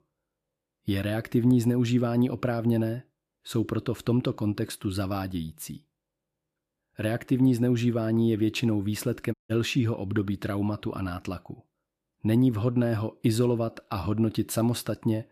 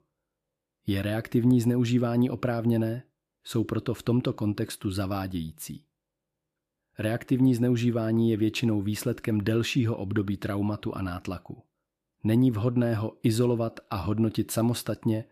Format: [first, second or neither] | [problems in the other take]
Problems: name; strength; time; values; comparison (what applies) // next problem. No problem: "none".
second | audio cutting out; at 9.5 s